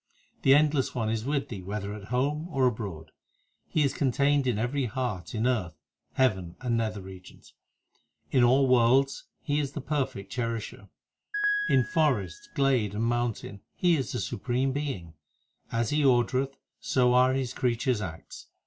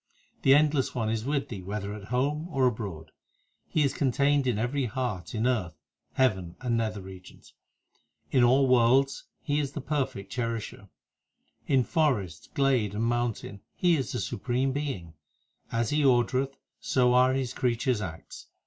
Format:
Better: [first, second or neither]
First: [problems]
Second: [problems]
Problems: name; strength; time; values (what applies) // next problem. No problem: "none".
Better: second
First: background sound (Piano); 7 dB below the speech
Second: none